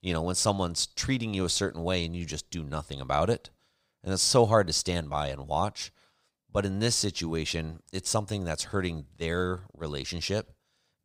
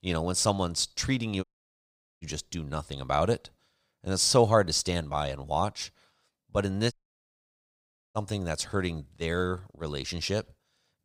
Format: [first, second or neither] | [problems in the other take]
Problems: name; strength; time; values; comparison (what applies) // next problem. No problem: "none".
first | audio cutting out; at 1.5 s for 1 s and at 7 s for 1 s